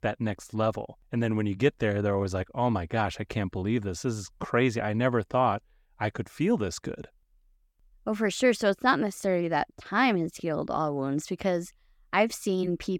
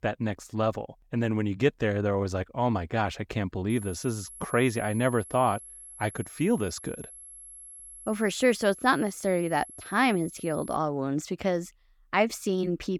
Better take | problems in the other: first | high-pitched whine; noticeable; from 3.5 to 11 s; 11 kHz, 15 dB below the speech

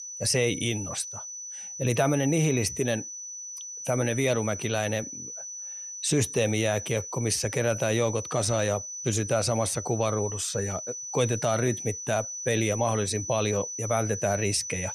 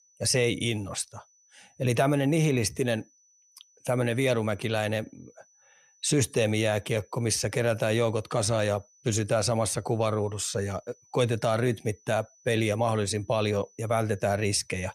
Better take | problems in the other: second | high-pitched whine; loud; throughout; 6 kHz, 7 dB below the speech; faint in the second

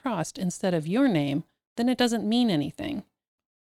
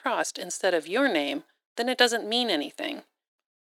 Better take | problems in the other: first | thin; somewhat; fading below 350 Hz

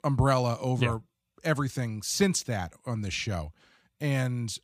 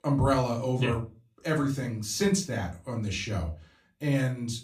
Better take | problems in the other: first | off-mic speech; far // room echo; very slight; dies away in 0.3 s

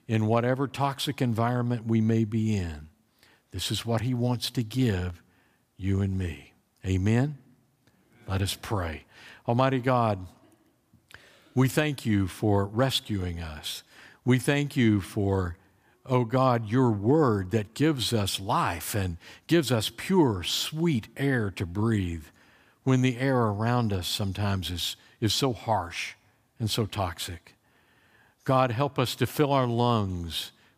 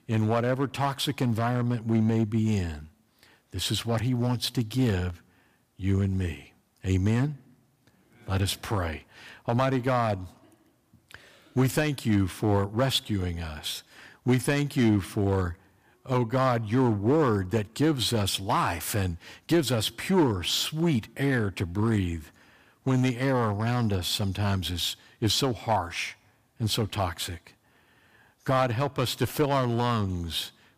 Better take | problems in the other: first | distortion; slight; 3% of the sound clipped

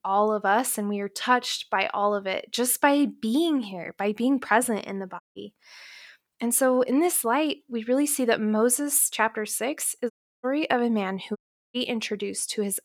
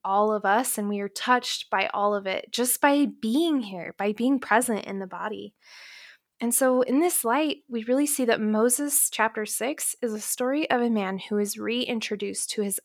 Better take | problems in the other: second | audio cutting out; at 5 s, at 10 s and at 11 s

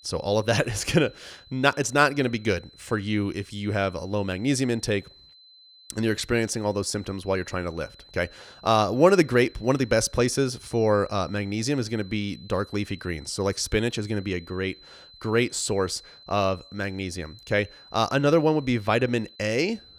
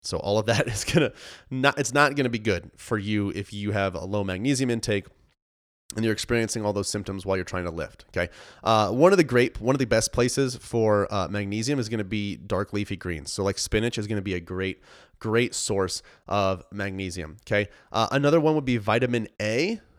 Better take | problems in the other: second | high-pitched whine; faint; throughout; 4 kHz, 25 dB below the speech

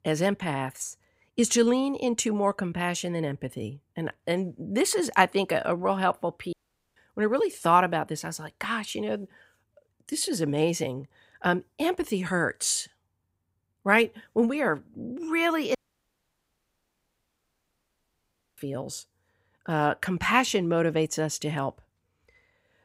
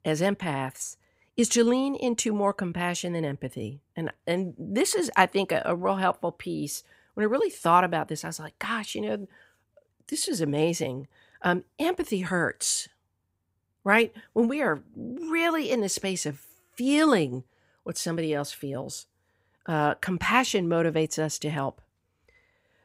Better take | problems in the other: second | audio cutting out; at 6.5 s and at 16 s for 3 s

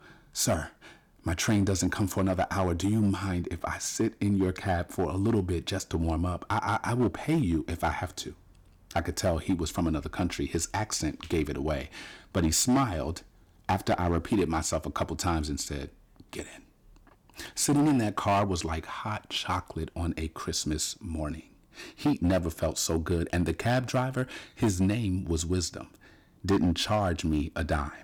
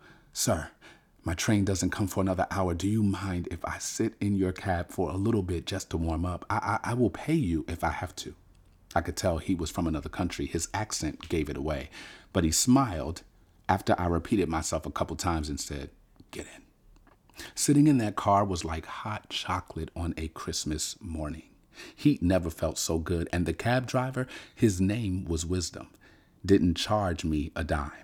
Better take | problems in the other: second | distortion; slight; 4% of the sound clipped

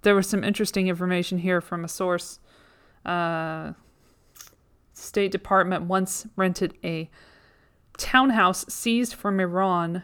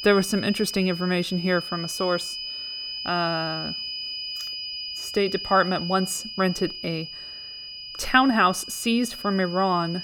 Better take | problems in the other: first | high-pitched whine; loud; throughout; 5 kHz, 8 dB below the speech

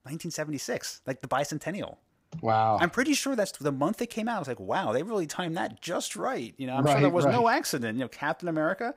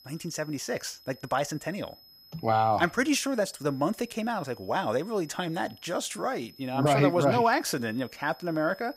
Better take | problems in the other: first | high-pitched whine; faint; throughout; 5 kHz, 25 dB below the speech

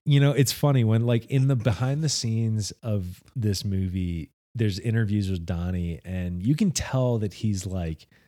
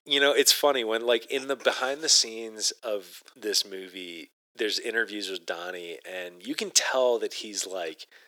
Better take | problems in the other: first | thin; very; fading below 400 Hz

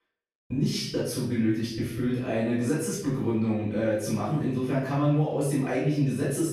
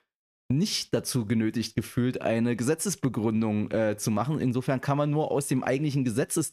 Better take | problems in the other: second | off-mic speech; far // room echo; noticeable; dies away in 0.6 s

